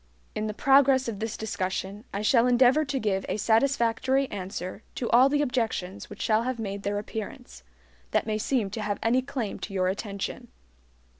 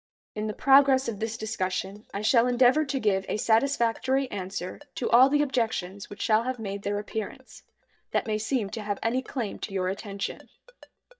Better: first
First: none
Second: noise reduction (neural mask model DeepFilterNet 3)

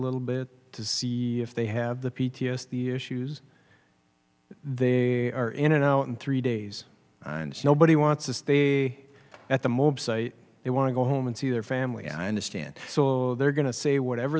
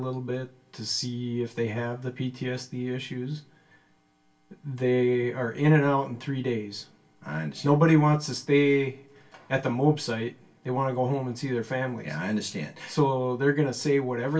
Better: first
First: none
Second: room echo; dies away in 0.2 s

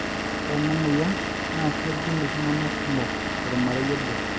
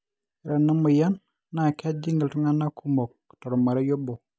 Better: second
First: background sound (Engine / Vehicle); as loud as the speech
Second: none

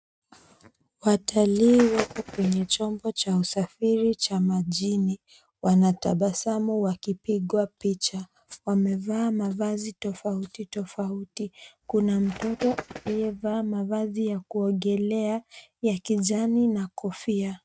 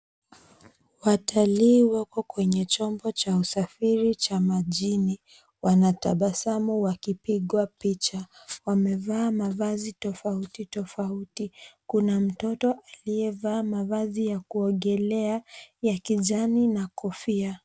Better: second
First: noise reduction (neural mask model RNNoise)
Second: none

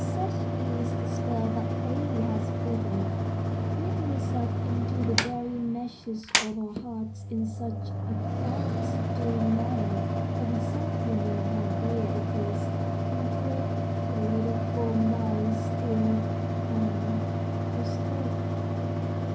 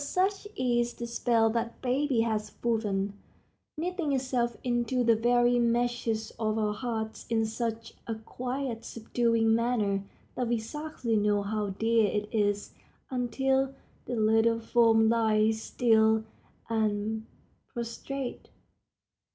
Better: second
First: background sound (Mechanical fan); 5 dB above the speech // room echo; dies away in 0.4 s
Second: none

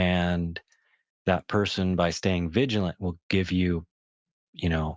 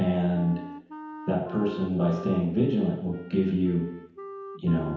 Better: first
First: none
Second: background sound (Wind instrument, woodwind instrument); 15 dB below the speech // room echo; dies away in 1 s

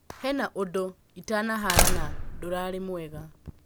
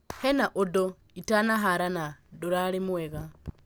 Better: second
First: background sound (Slam); 2 dB above the speech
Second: none

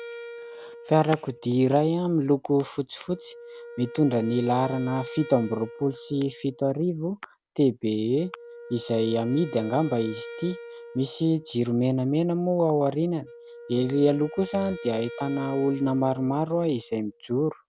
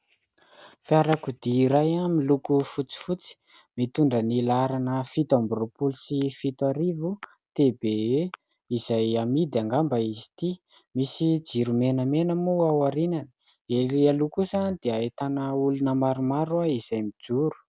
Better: second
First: background sound (Wind instrument, woodwind instrument); 17 dB below the speech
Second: none

